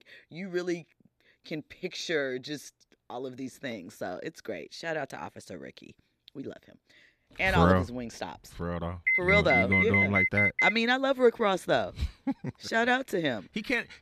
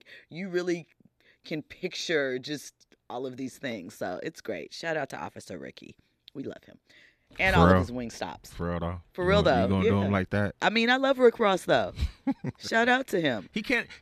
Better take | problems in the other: second | alarm; loud; from 9 to 11 s; peak 6 dB above the speech

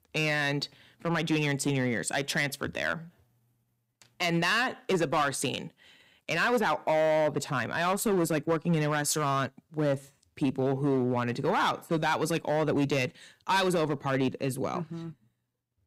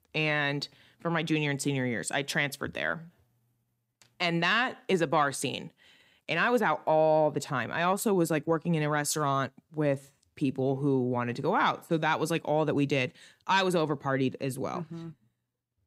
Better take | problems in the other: second | distortion; slight; 6% of the sound clipped

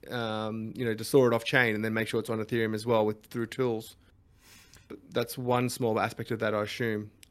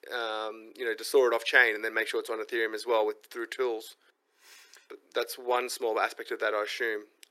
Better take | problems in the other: first | thin; very; fading below 350 Hz

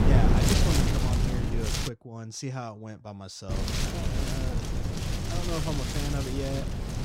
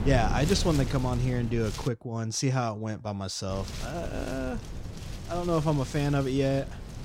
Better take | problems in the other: second | wind noise on the microphone; heavy; until 2 s and from 3.5 s on; 4 dB above the speech; occasional gusts in the second

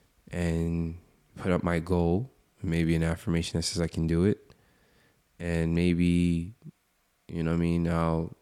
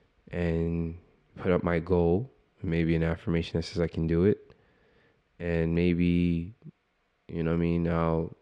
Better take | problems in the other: first | muffled; slightly; fading above 3 kHz

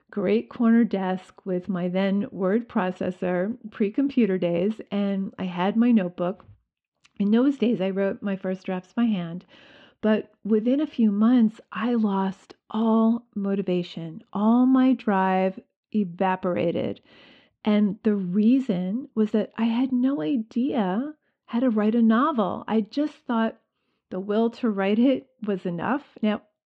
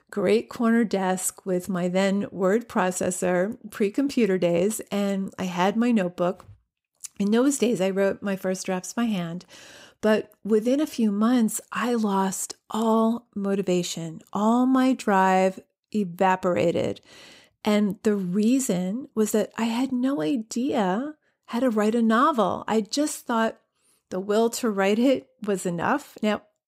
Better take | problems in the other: second | muffled; very; fading above 3.5 kHz

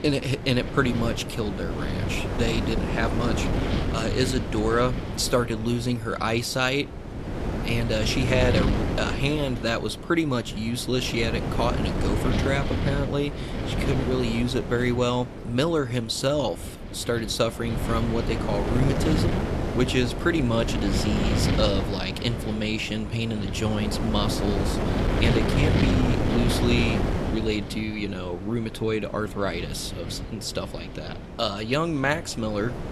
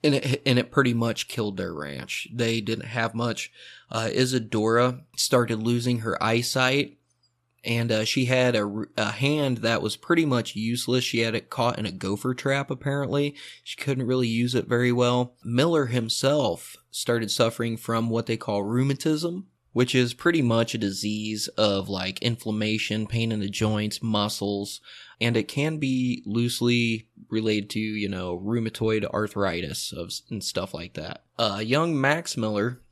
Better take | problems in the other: second | wind noise on the microphone; heavy; 5 dB below the speech

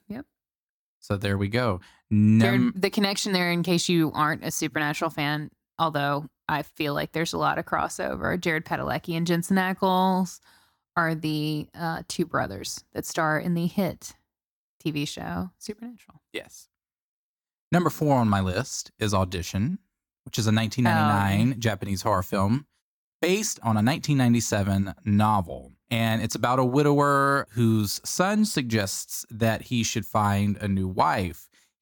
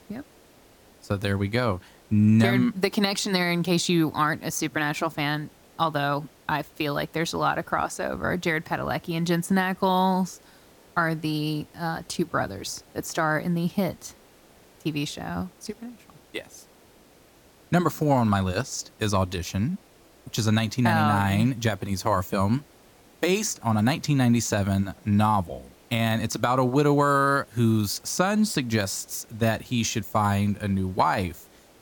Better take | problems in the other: first | hiss; faint; throughout; 30 dB below the speech

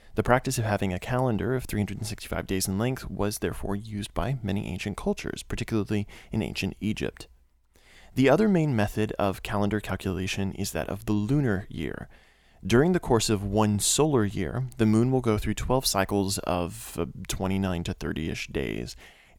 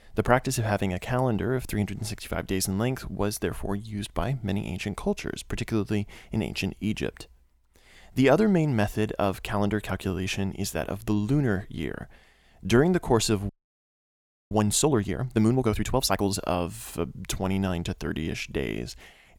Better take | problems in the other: first | audio freezing; at 13 s for 1 s

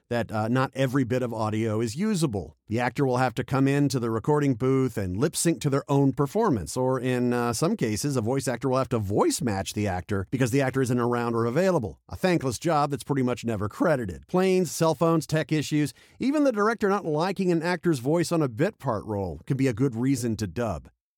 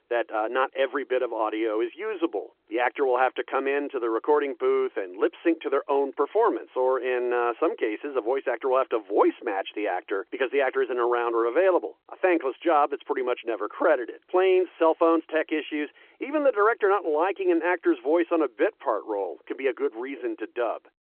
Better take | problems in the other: first | phone-call audio

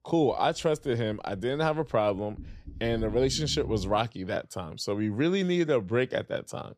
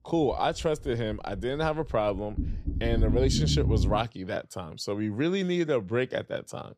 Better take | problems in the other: first | low rumble; loud; until 4 s; 10 dB below the speech; faint in the first

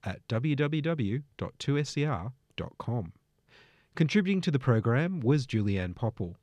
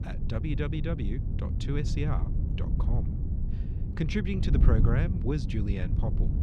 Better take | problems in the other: first | wind noise on the microphone; heavy; 5 dB below the speech

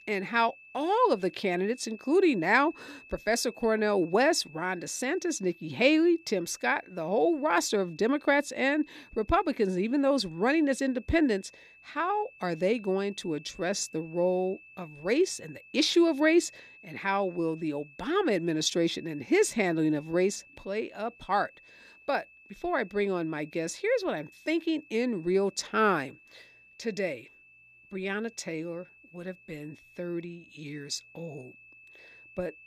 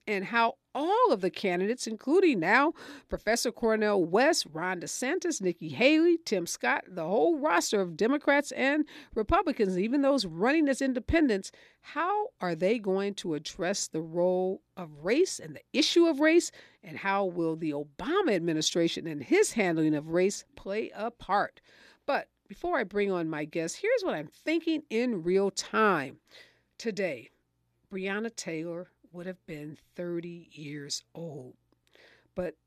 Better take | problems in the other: second | high-pitched whine; faint; throughout; 2.5 kHz, 25 dB below the speech

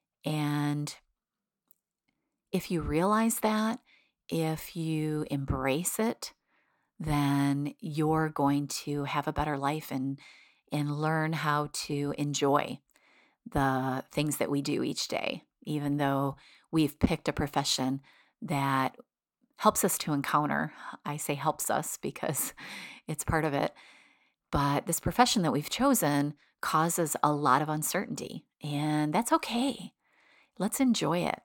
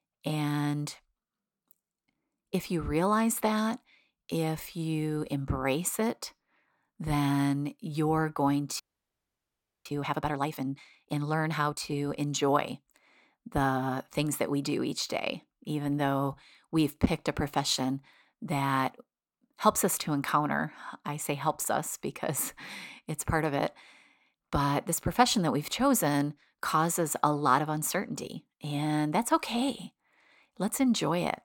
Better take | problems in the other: first | audio freezing; at 9 s for 1 s

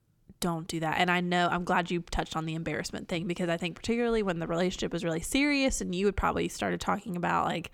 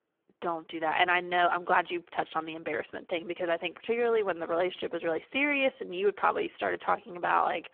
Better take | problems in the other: first | phone-call audio; poor line

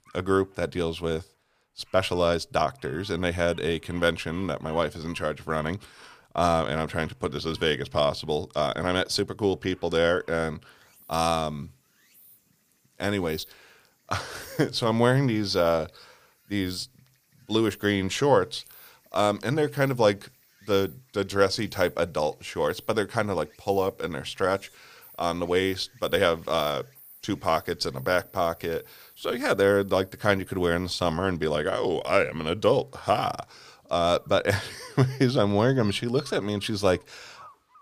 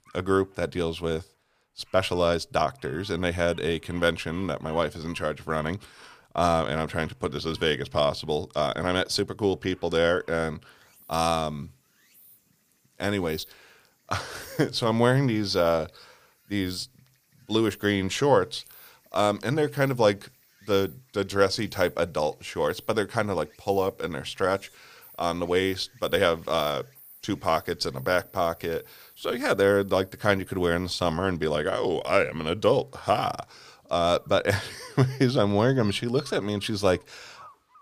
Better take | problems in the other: neither | animal sounds; faint; throughout; 25 dB below the speech; the same in both

